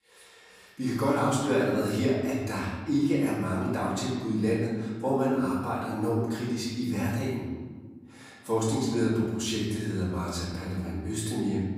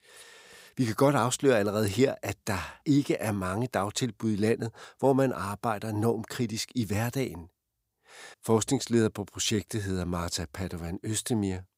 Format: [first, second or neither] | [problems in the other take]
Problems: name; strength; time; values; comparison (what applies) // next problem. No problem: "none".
second | room echo; noticeable; dies away in 1.4 s // off-mic speech; far